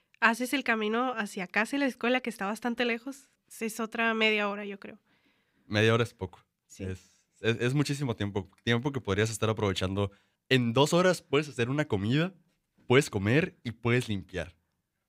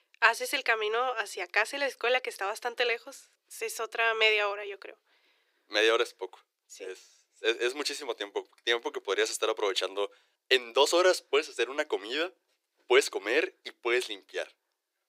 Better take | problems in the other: first | thin; very; fading below 350 Hz

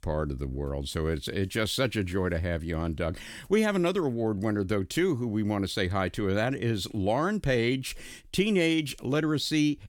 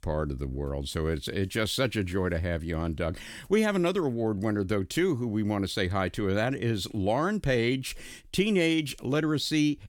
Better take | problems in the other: neither | none

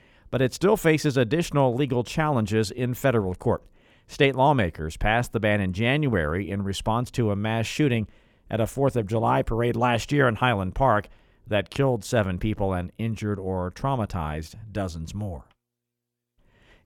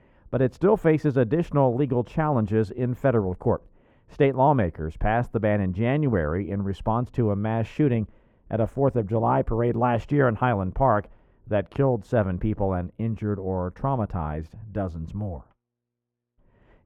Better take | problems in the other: first | muffled; very; fading above 2.5 kHz

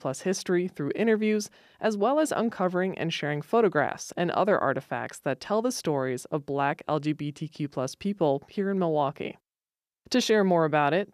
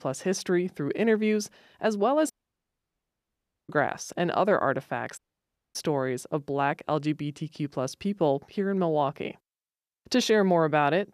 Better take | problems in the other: first | audio cutting out; at 2.5 s for 1.5 s and at 5 s for 0.5 s

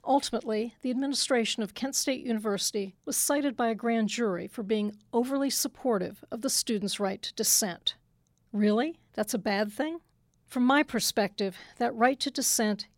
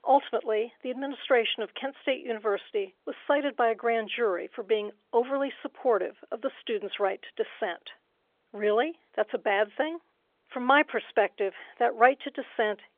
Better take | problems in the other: first | phone-call audio; nothing above 3.5 kHz

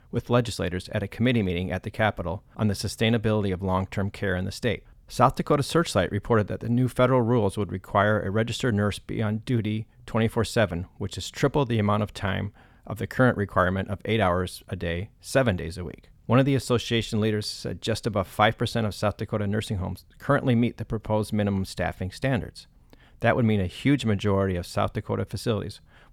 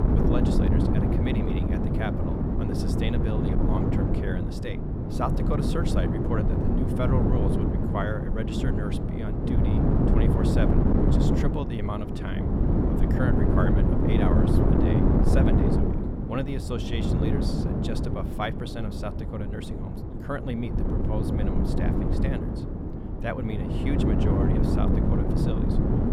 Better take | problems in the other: first | wind noise on the microphone; heavy; 3 dB above the speech

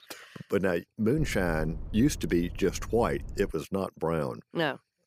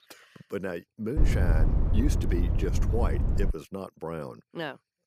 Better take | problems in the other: first | low rumble; loud; from 1 to 3.5 s; 4 dB below the speech; faint in the first

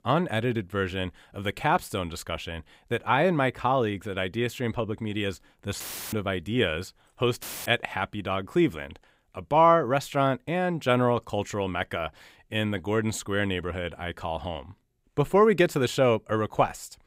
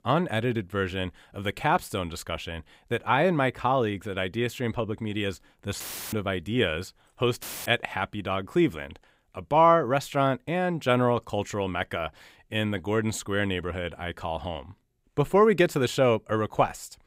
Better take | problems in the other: neither | audio cutting out; filled with static; at 6 s and at 7.5 s; the same in both

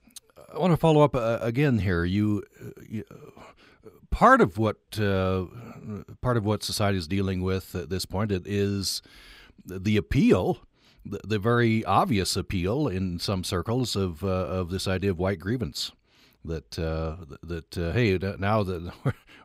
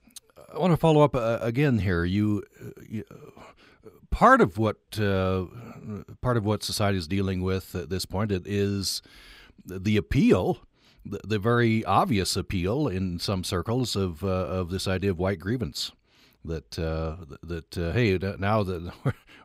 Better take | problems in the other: neither | none

